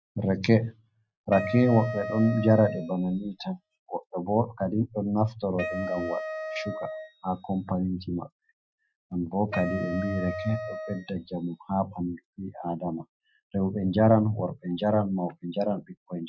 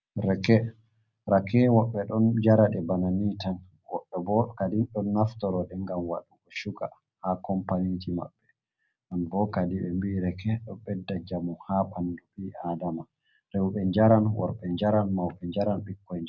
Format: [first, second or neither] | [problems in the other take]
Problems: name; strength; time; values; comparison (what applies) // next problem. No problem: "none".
second | noise reduction (classical method Wiener filter)